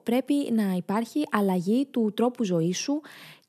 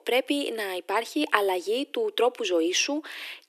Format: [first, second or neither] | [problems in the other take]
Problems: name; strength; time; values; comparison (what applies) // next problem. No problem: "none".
first | thin; somewhat; fading below 300 Hz